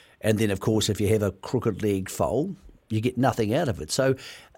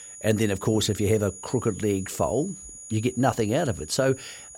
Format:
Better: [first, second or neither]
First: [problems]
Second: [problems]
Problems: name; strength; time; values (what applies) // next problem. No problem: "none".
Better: first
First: none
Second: high-pitched whine; noticeable; throughout; 7 kHz, 15 dB below the speech